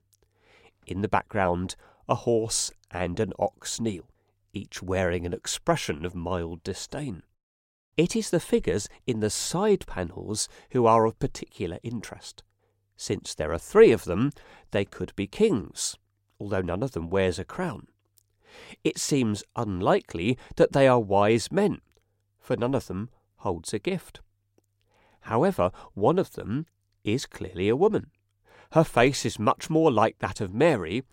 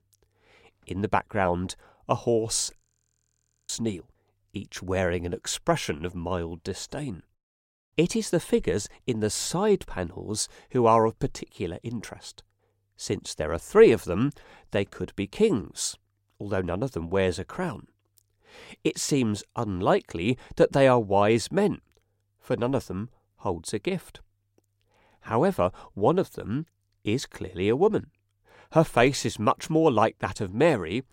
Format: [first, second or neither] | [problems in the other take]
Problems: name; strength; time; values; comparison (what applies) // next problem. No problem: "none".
first | audio freezing; at 3 s for 1 s